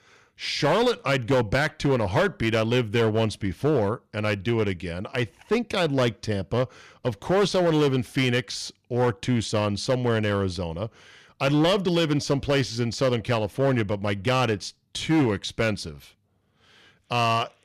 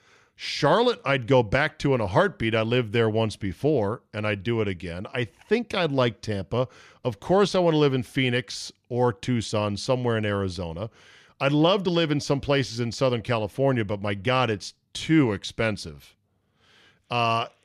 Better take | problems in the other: second | distortion; slight; 7% of the sound clipped

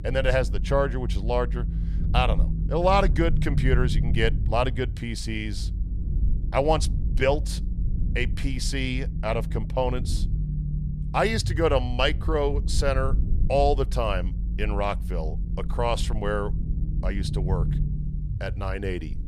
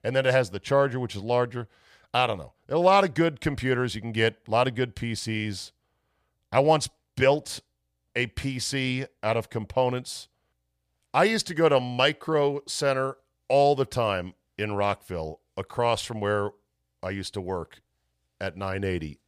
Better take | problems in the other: second | low rumble; noticeable; throughout; 15 dB below the speech

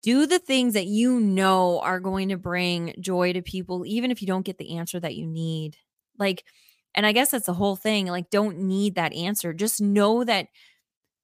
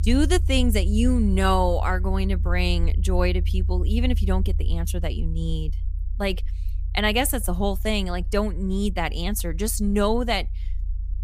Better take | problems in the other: first | low rumble; faint; throughout; 20 dB below the speech

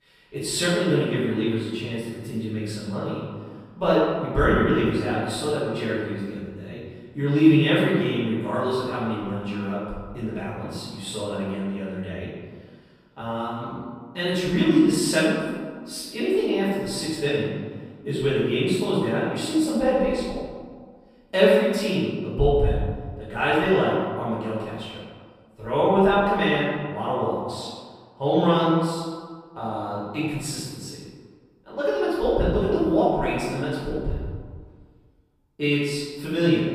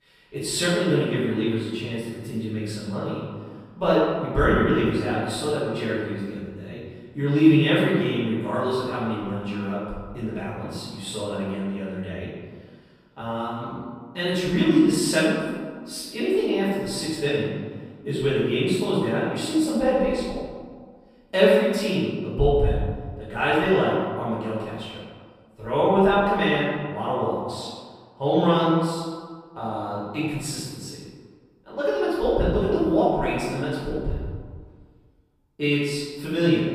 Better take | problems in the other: neither | room echo; strong; dies away in 1.5 s; the same in both // off-mic speech; far; the same in both

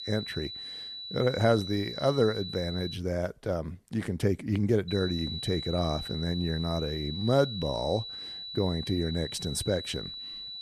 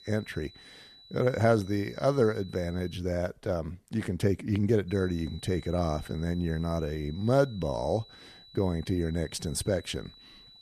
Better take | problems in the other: second | high-pitched whine; loud; until 3 s and from 5 s on; 4 kHz, 7 dB below the speech; faint in the second

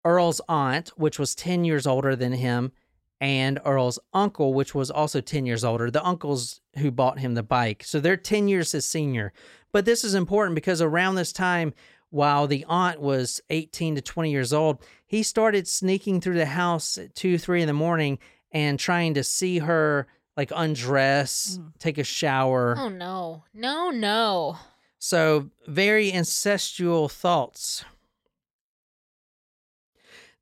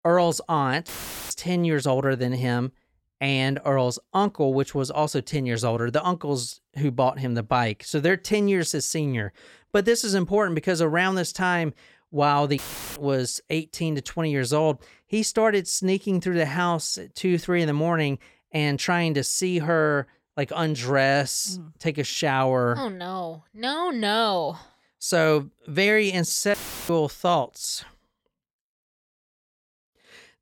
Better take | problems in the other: first | audio cutting out; filled with static; at 1 s, at 13 s and at 27 s

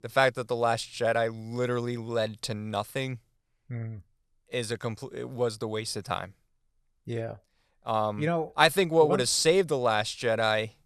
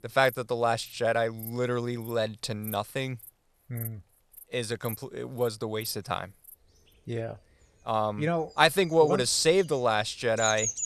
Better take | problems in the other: first | animal sounds; noticeable; throughout; 15 dB below the speech

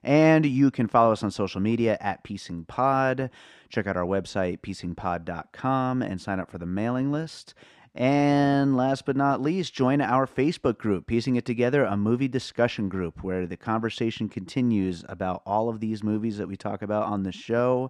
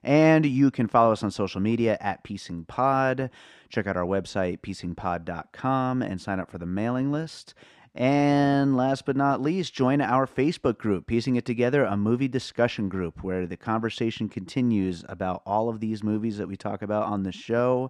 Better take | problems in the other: neither | none

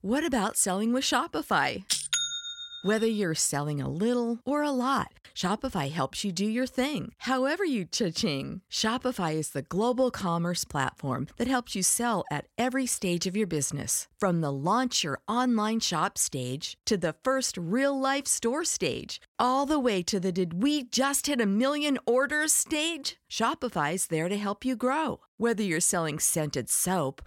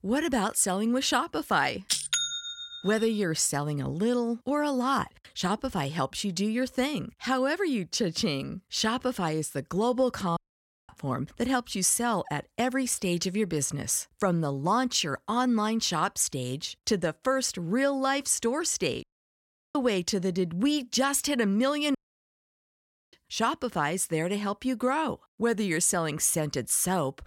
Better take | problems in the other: first | audio cutting out; at 10 s for 0.5 s, at 19 s for 0.5 s and at 22 s for 1 s

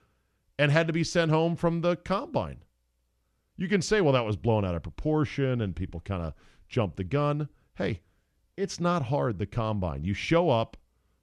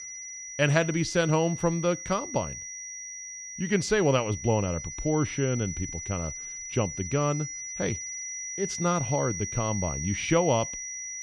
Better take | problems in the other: first | high-pitched whine; loud; throughout; 6 kHz, 7 dB below the speech

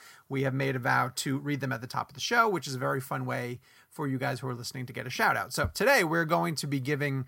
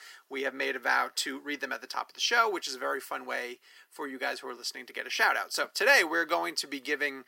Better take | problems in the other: first | thin; somewhat; fading below 300 Hz

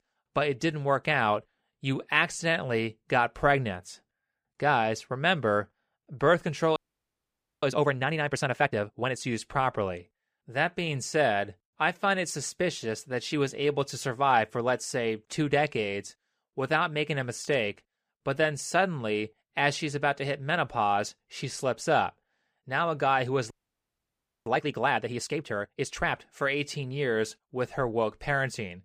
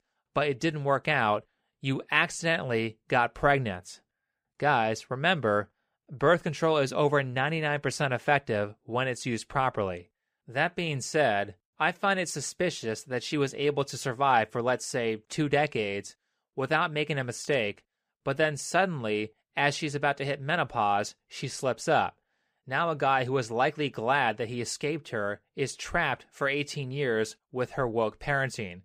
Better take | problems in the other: second | audio freezing; at 7 s for 1 s and at 24 s for 1 s

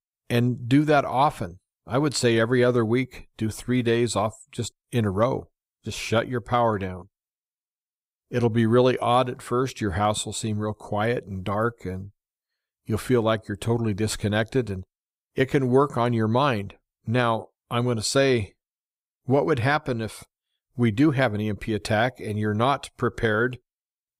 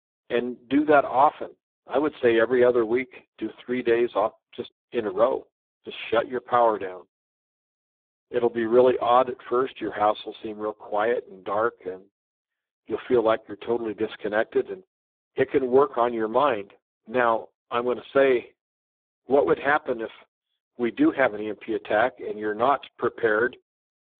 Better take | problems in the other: first | phone-call audio; poor line

